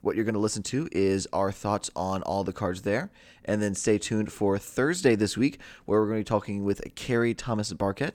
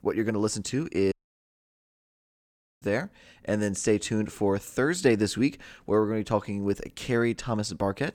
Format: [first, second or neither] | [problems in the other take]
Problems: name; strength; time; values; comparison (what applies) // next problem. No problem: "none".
first | audio cutting out; at 1 s for 1.5 s